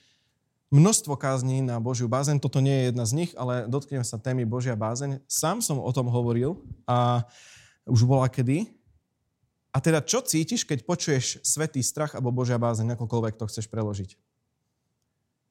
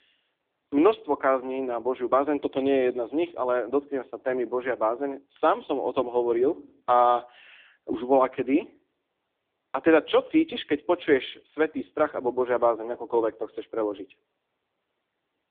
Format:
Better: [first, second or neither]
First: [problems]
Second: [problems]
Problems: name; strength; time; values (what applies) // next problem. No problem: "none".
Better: first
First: none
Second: phone-call audio; poor line; nothing above 3.5 kHz